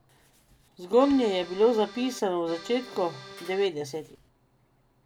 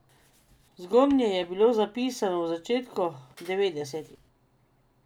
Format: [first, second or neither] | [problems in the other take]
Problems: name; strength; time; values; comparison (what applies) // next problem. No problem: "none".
second | background sound (Accordion); 17 dB below the speech